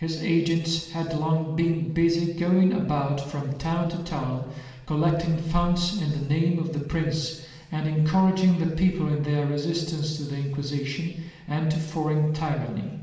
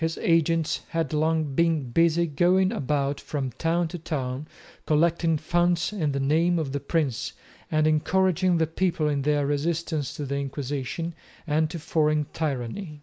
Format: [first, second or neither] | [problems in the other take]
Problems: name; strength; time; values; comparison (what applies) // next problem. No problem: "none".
second | room echo; dies away in 1.1 s